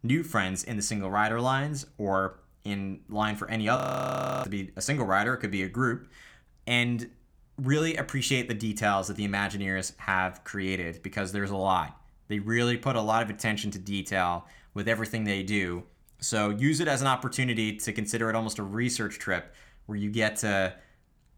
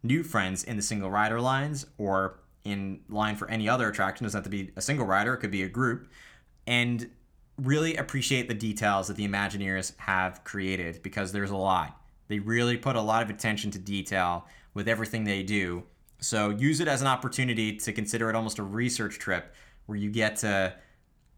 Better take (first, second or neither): second